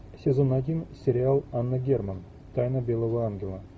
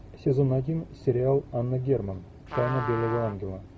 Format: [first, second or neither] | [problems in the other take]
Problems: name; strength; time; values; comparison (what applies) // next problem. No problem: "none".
first | background sound (Trumpet); 12 dB below the speech